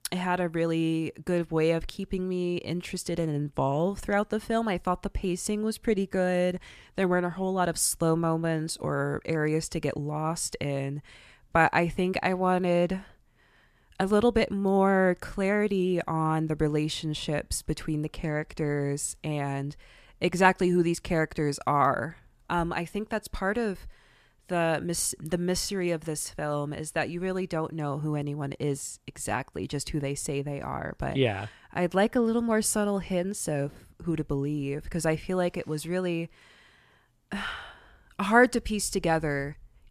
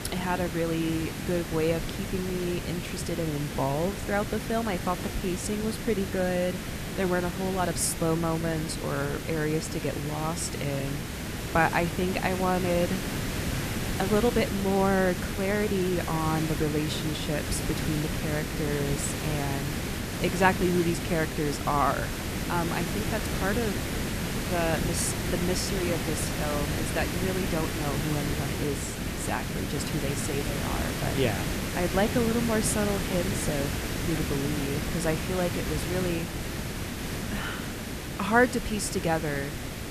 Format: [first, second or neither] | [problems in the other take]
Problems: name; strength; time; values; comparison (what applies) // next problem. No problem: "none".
first | hiss; loud; throughout; 3 dB below the speech